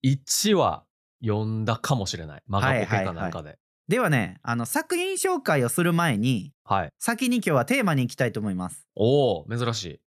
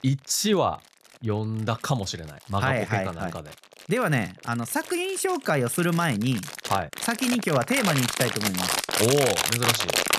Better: first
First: none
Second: household noises; loud; throughout; 1 dB below the speech

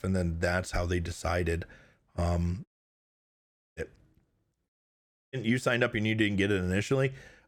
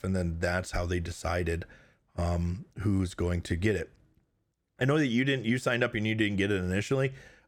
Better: second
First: audio cutting out; at 2.5 s for 1 s and at 4.5 s for 0.5 s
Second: none

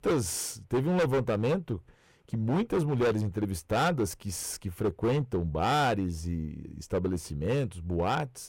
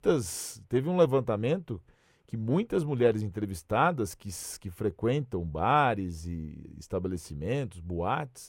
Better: second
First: distortion; heavy; 10% of the sound clipped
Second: none

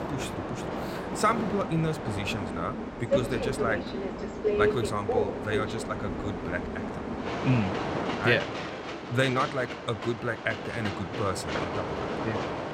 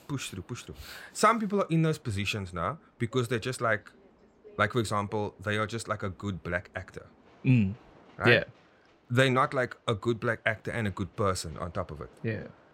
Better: second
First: train or aircraft noise; loud; throughout; 1 dB below the speech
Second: train or aircraft noise; faint; throughout; 30 dB below the speech

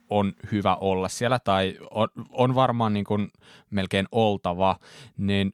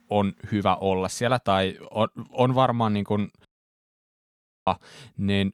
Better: first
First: none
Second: audio cutting out; at 3.5 s for 1 s

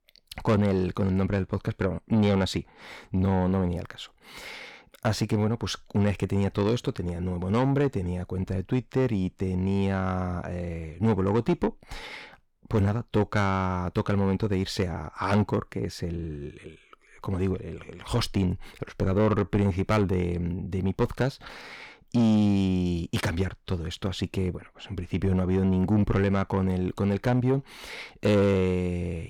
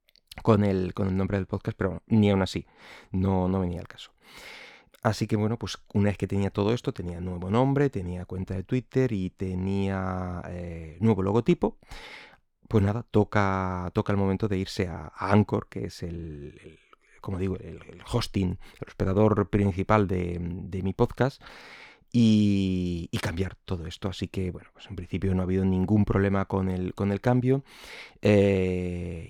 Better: second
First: distortion; slight; 10 dB below the speech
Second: none

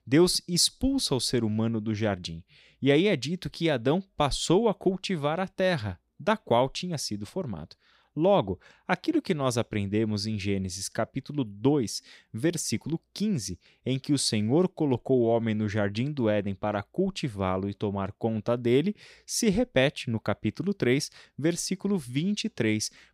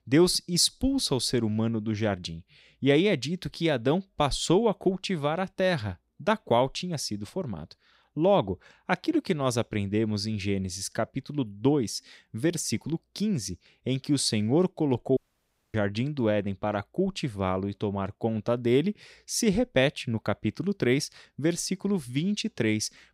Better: first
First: none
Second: audio cutting out; at 15 s for 0.5 s

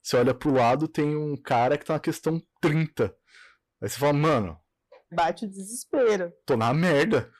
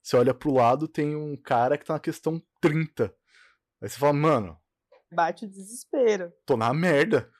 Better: second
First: distortion; slight; 10 dB below the speech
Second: none

